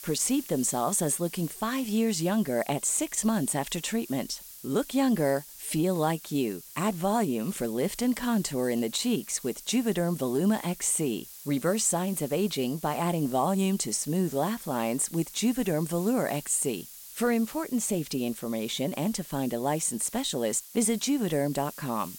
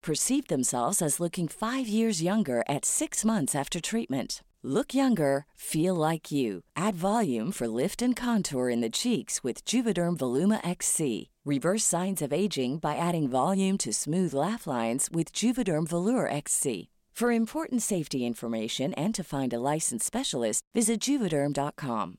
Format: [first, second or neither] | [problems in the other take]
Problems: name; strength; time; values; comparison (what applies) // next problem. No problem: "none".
second | hiss; noticeable; throughout; 15 dB below the speech